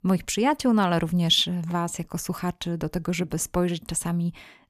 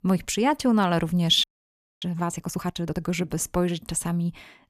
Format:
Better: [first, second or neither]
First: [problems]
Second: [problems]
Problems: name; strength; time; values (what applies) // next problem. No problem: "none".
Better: first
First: none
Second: audio freezing; at 1.5 s for 0.5 s